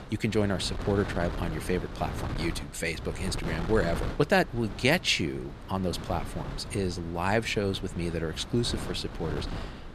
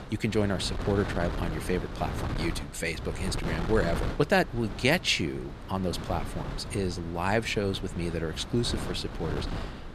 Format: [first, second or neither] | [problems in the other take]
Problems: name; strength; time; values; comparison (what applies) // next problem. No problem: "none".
first | wind noise on the microphone; heavy; 10 dB below the speech; occasional gusts in the first